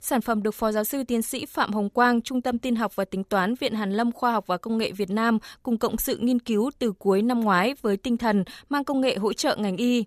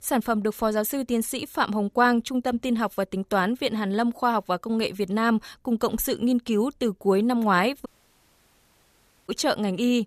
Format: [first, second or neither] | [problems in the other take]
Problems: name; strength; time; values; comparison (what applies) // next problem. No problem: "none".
first | audio cutting out; at 8 s for 1.5 s